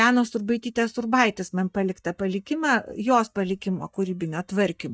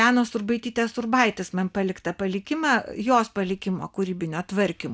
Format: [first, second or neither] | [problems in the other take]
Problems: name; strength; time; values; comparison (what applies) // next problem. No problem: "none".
second | noise reduction (neural mask model DeepFilterNet 3)